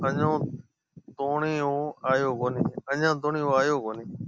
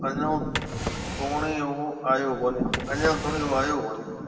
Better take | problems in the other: first | background sound (Drawer open or close); 6 dB below the speech // room echo; dies away in 2 s

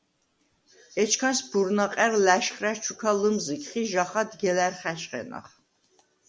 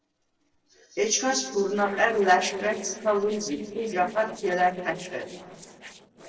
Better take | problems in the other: first | noise reduction (neural separator model SepFormer DNS4)

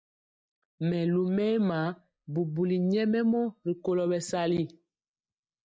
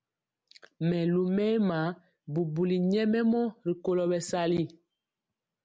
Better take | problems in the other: second | noise reduction (neural mask model DeepFilterNet 3)

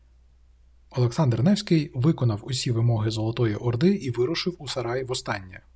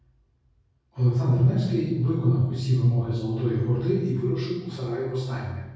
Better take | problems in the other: first | room echo; dies away in 1.3 s

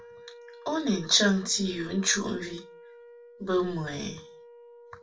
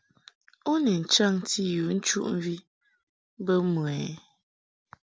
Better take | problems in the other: second | background sound (Wind instrument, woodwind instrument); 20 dB below the speech // room echo; dies away in 0.2 s

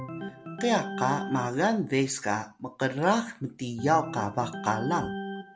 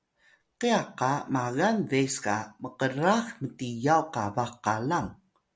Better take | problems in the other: second | background sound (Organ); 10 dB below the speech

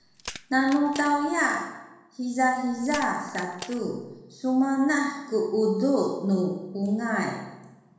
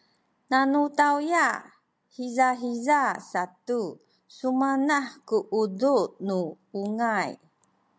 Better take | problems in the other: second | background sound (Crack); 17 dB below the speech // room echo; dies away in 1 s

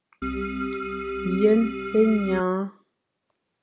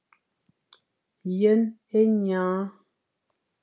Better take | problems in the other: second | background sound (Organ); 5 dB below the speech

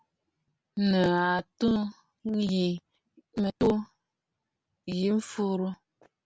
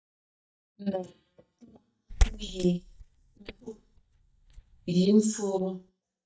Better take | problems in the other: first | noise reduction (neural mask model DeepFilterNet 3)

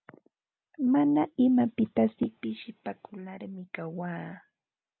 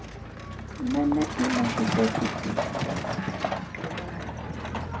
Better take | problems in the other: first | background sound (Truck); as loud as the speech // room echo; dies away in 0.3 s

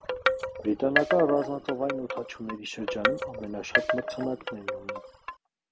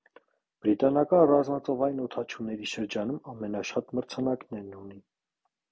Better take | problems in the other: second | background sound (Wind chime); as loud as the speech

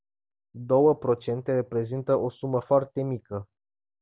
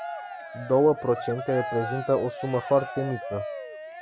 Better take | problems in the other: first | background sound (Cheering); 9 dB below the speech

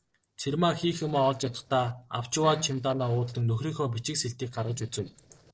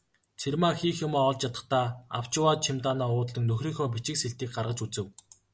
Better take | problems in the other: second | noise reduction (neural separator model SepFormer DNS4)

